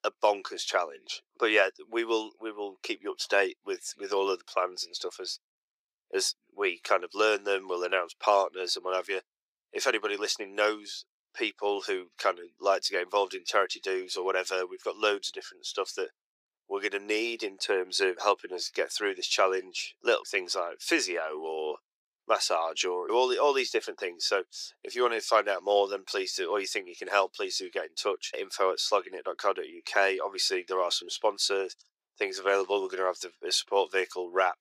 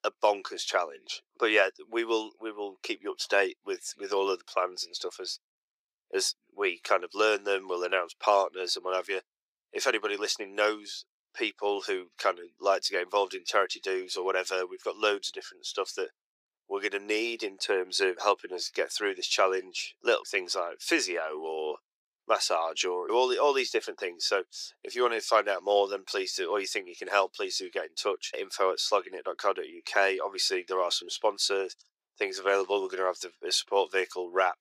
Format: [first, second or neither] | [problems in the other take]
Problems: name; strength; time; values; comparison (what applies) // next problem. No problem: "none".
neither | thin; very; fading below 350 Hz; the same in both